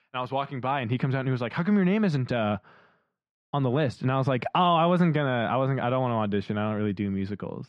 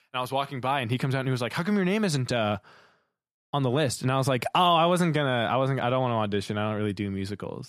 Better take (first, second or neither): second